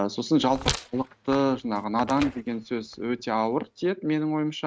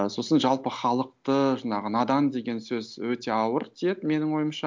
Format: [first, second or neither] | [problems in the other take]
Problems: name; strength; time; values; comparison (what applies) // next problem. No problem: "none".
second | noise reduction (neural mask model RNNoise)